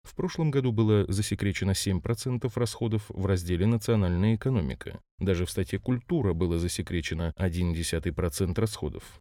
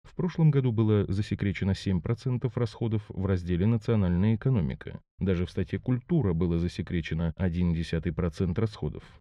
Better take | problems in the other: first | muffled; slightly; fading above 3.5 kHz

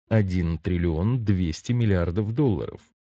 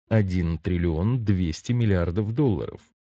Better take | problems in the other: neither | garbled, watery; slightly; nothing above 16 kHz; the same in both

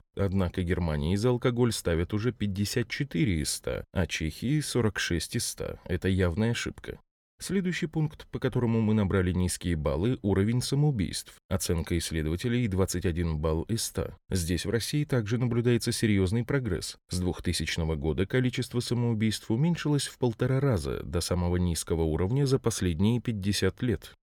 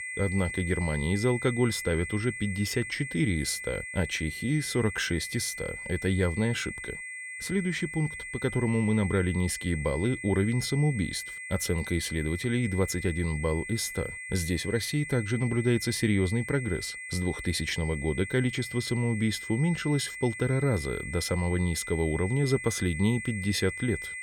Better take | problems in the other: first | high-pitched whine; loud; throughout; 2 kHz, 8 dB below the speech

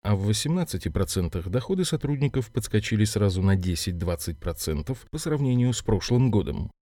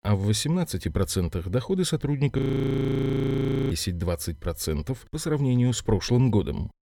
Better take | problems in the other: first | audio freezing; at 2.5 s for 1.5 s

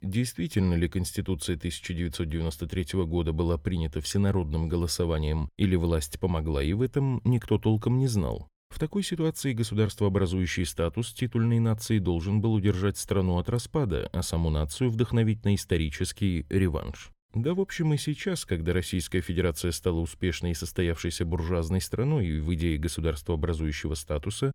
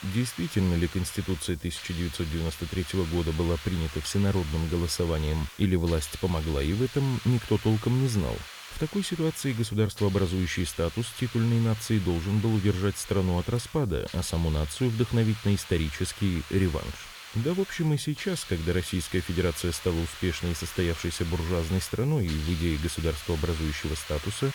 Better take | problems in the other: first | hiss; noticeable; throughout; 10 dB below the speech

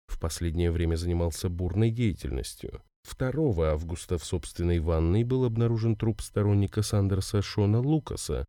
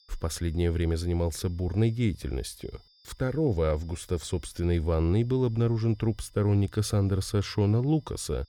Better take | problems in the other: first | high-pitched whine; faint; throughout; 5 kHz, 30 dB below the speech

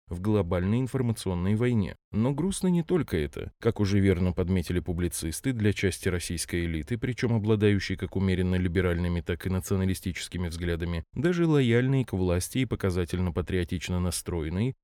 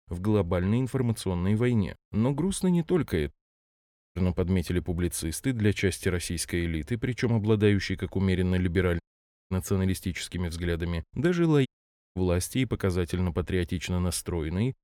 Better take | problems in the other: first | audio cutting out; at 3.5 s for 1 s, at 9 s for 0.5 s and at 12 s

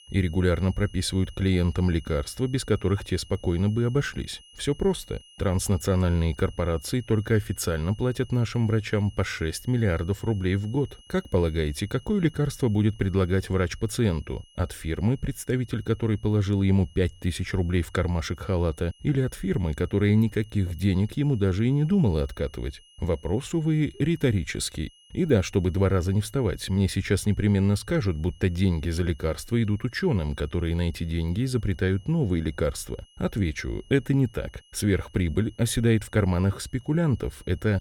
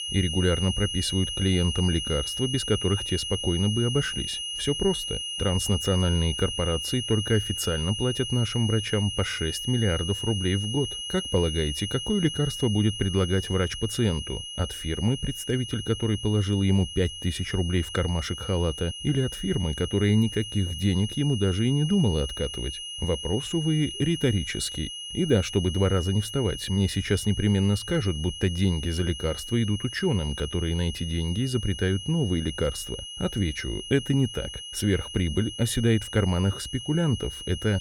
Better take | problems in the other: first | high-pitched whine; loud; throughout; 3 kHz, 6 dB below the speech; faint in the first

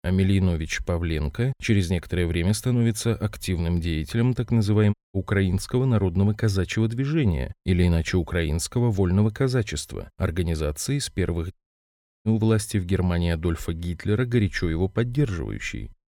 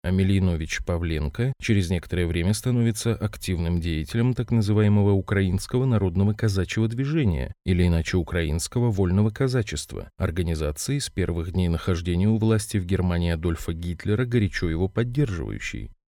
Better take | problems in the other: second | audio cutting out; at 5 s and at 12 s for 0.5 s

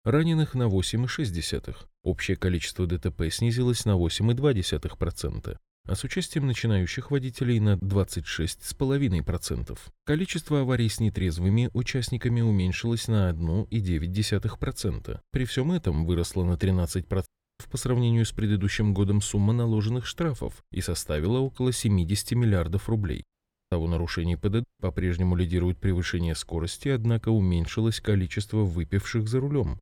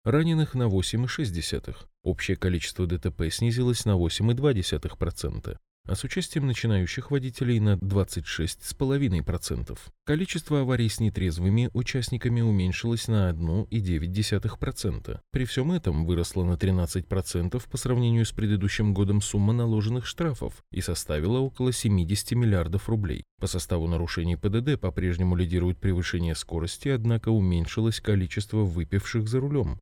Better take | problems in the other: second | audio cutting out; at 17 s, at 23 s and at 25 s

